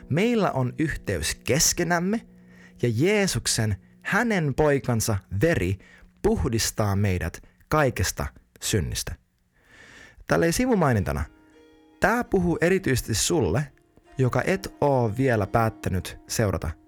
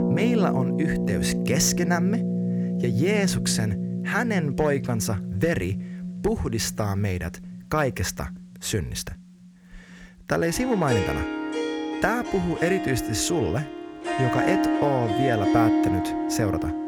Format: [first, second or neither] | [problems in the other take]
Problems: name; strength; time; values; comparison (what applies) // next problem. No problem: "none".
first | background music; loud; throughout; 1 dB below the speech; faint in the first